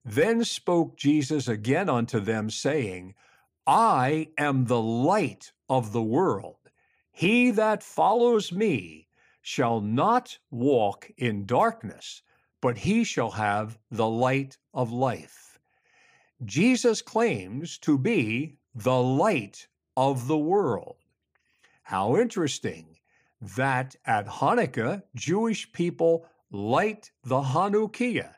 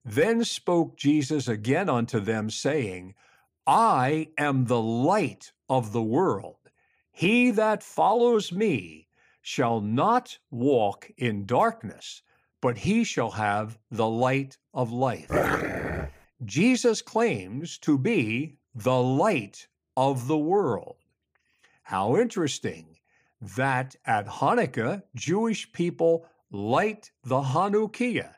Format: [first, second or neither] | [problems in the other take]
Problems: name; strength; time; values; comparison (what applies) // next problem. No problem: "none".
first | dog barking; loud; at 15 s; peak 1 dB above the speech